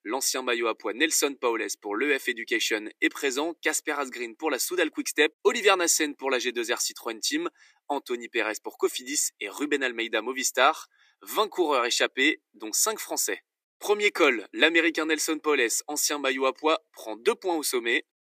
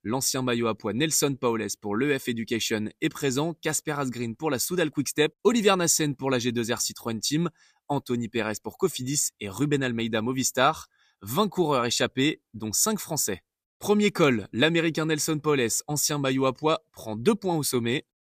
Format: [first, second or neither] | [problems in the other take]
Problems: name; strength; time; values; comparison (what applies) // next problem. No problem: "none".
second | thin; somewhat; fading below 300 Hz